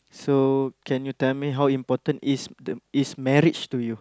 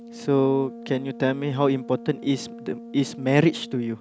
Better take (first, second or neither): first